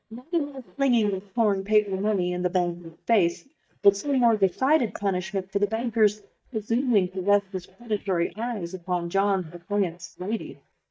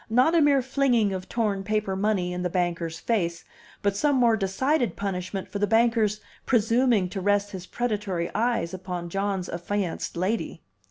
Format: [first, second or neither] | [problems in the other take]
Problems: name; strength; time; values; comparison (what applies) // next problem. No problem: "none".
second | noise reduction (neural mask model DeepFilterNet 3)